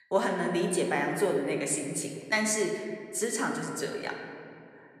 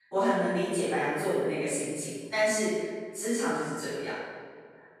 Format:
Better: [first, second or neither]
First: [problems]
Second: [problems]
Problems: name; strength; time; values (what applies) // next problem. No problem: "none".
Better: first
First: room echo; slight; dies away in 2 s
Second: room echo; strong; dies away in 1.6 s // off-mic speech; far